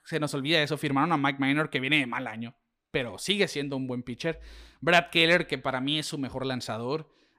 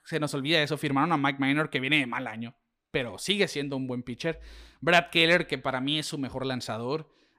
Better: neither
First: none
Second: none

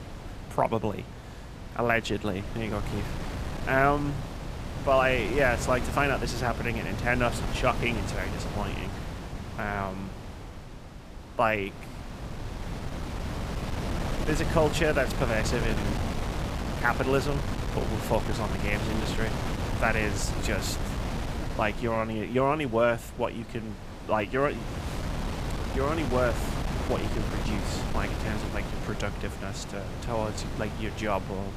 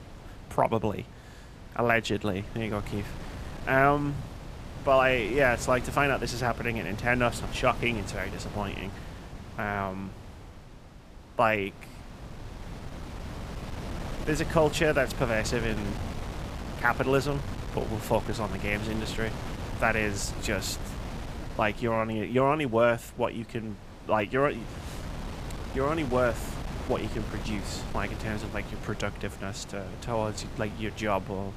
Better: second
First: wind noise on the microphone; heavy; 9 dB below the speech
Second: wind noise on the microphone; occasional gusts; 15 dB below the speech

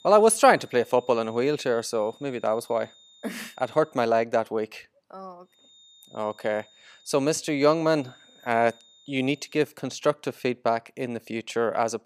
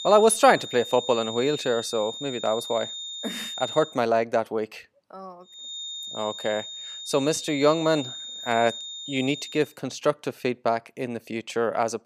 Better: first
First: high-pitched whine; faint; until 4 s and from 5.5 to 9.5 s; 3.5 kHz, 30 dB below the speech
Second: high-pitched whine; loud; until 4 s and from 5.5 to 9.5 s; 3.5 kHz, 9 dB below the speech

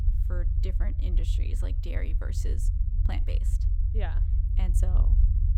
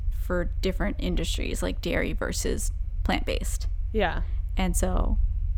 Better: second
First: low rumble; loud; throughout; 3 dB below the speech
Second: low rumble; faint; throughout; 25 dB below the speech

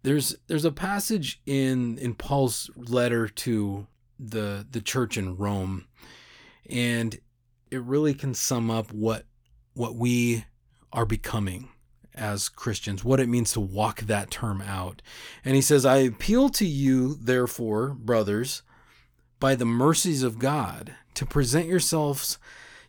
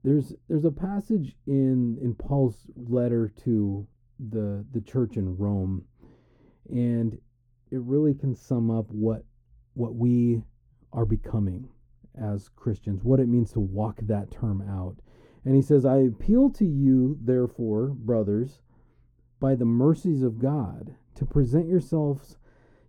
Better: first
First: none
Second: muffled; very; fading above 1 kHz

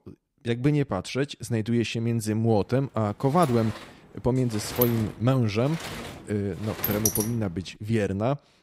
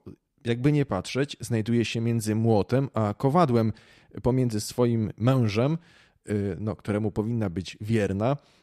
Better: second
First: door banging; loud; from 3.5 to 7.5 s; peak 2 dB above the speech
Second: none

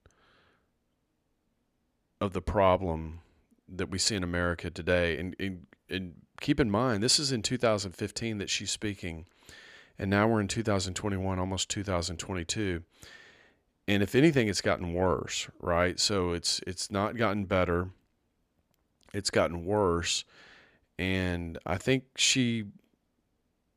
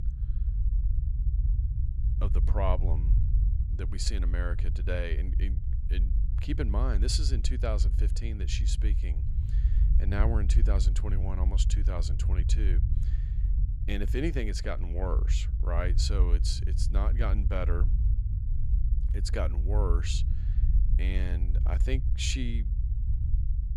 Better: first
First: none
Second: low rumble; noticeable; throughout; 10 dB below the speech

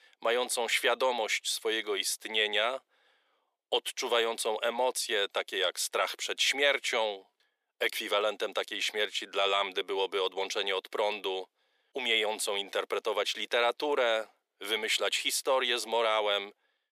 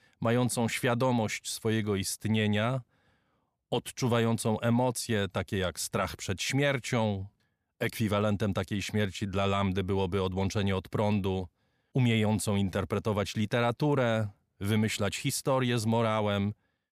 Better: second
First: thin; very; fading below 400 Hz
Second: none

